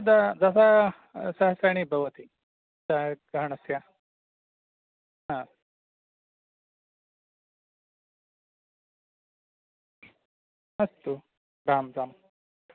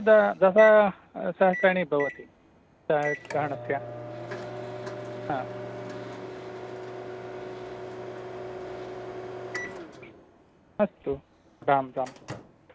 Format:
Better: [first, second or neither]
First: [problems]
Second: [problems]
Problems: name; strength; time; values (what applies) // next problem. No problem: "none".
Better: first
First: none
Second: background sound (Microwave oven); 11 dB below the speech